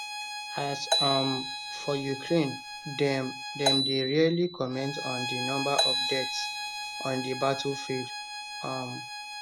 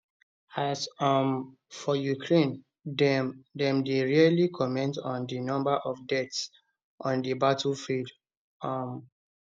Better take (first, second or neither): second